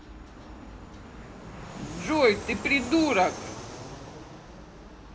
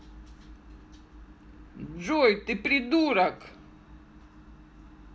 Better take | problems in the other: second | background sound (Fixed-wing aircraft, airplane); 12 dB below the speech

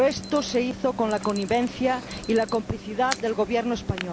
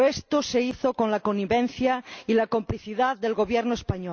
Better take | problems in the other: second | background sound (Alarm); 12 dB below the speech

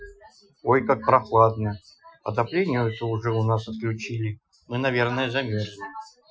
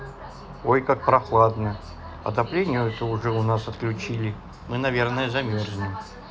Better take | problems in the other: second | noise reduction (classical method Wiener filter)

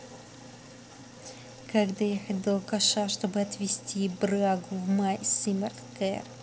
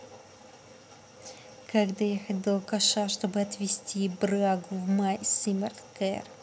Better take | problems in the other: second | background sound (Sink (filling or washing)); 19 dB below the speech

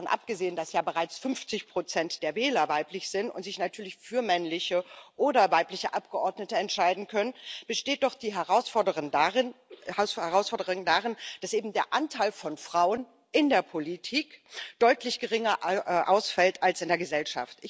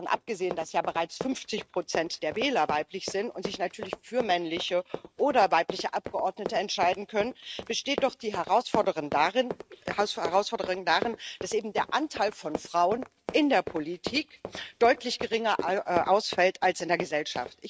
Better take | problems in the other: first | noise reduction (neural mask model RNNoise)

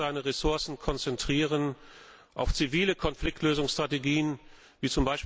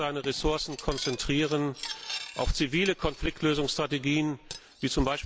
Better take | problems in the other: first | background sound (Cutlery, silverware); 15 dB below the speech

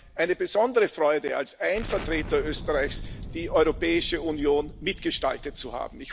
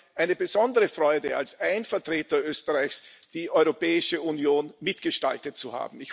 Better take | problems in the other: second | background sound (Explosion); 12 dB below the speech

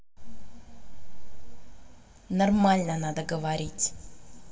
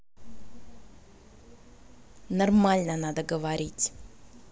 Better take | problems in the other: second | room echo; dies away in 2.1 s

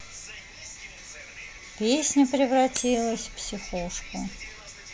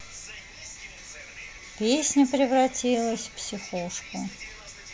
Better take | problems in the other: second | background sound (Cutlery, silverware); 13 dB below the speech

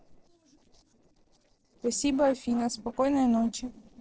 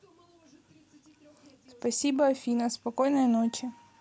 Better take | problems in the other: second | noise reduction (neural separator model SepFormer DNS4)

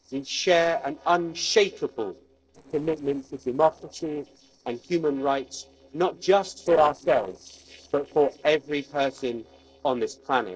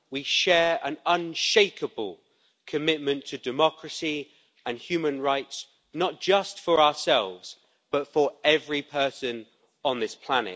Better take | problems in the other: second | noise reduction (neural separator model SepFormer DNS4)

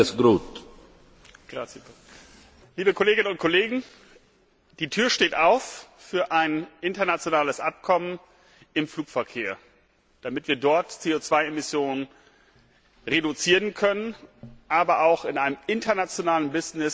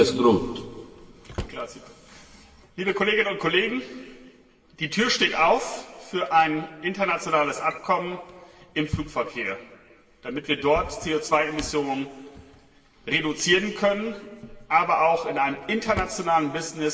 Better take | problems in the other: first | background sound (Drawer open or close); 18 dB below the speech // room echo; dies away in 2 s

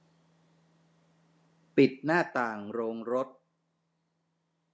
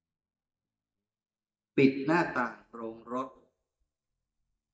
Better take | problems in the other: first | noise reduction (neural mask model DeepFilterNet 3)

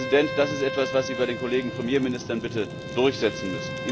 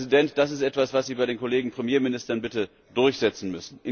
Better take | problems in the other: second | background sound (Fire + Bowed string instrument); 7 dB below the speech

